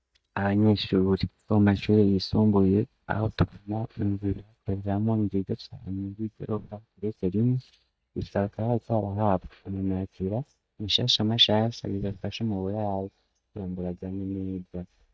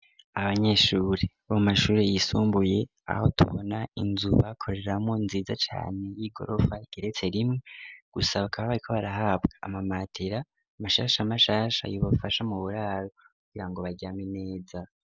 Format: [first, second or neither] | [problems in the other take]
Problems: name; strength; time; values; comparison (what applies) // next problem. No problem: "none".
second | noise reduction (neural mask model DeepFilterNet 3)